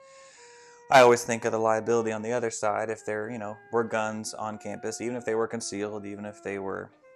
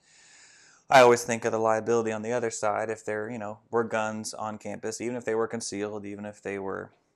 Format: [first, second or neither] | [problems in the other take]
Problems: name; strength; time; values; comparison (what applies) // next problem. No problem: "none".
second | background music; faint; throughout; 25 dB below the speech